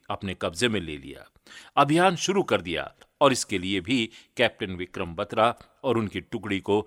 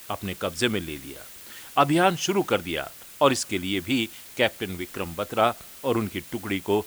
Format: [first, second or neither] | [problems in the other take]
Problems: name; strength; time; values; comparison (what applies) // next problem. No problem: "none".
first | hiss; noticeable; throughout; 15 dB below the speech